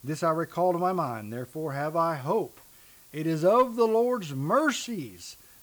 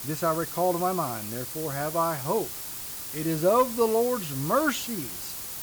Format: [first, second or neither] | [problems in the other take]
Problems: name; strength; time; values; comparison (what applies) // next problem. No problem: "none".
first | hiss; loud; throughout; 7 dB below the speech; faint in the first